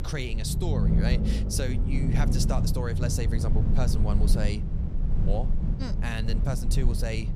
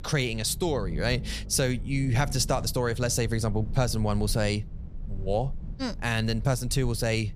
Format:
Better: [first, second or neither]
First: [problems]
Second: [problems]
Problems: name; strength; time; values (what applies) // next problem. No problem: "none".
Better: second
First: low rumble; loud; throughout; 4 dB below the speech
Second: low rumble; faint; throughout; 20 dB below the speech